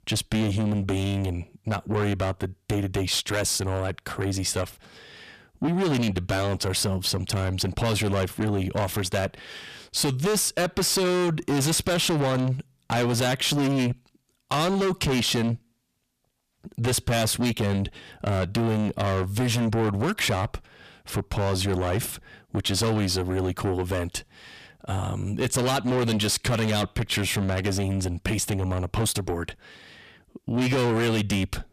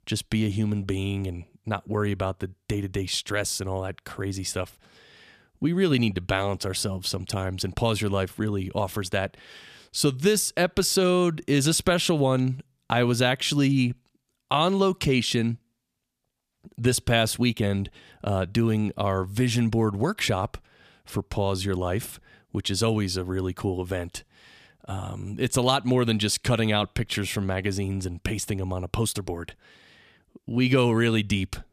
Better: second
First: distortion; heavy; 6 dB below the speech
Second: none

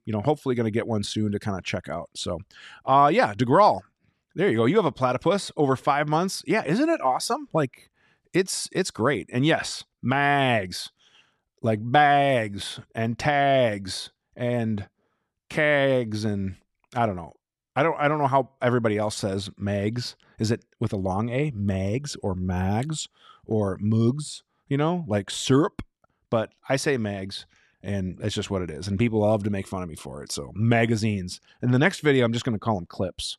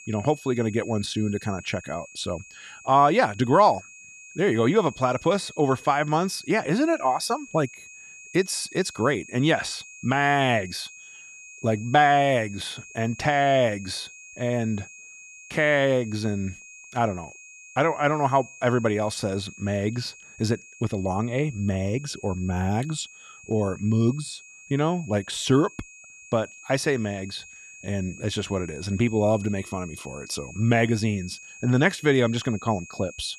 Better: first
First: none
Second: high-pitched whine; noticeable; throughout; 2.5 kHz, 20 dB below the speech

